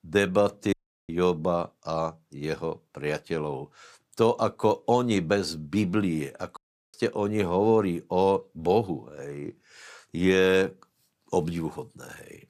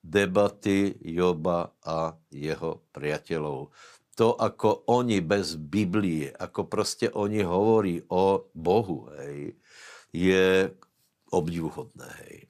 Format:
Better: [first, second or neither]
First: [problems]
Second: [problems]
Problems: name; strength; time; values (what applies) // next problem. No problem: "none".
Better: second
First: audio cutting out; at 0.5 s and at 6.5 s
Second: none